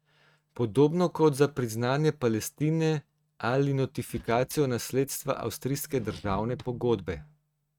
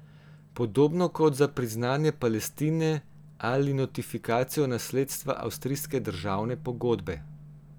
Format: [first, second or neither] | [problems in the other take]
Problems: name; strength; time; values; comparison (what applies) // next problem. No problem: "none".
second | noise reduction (neural mask model RNNoise)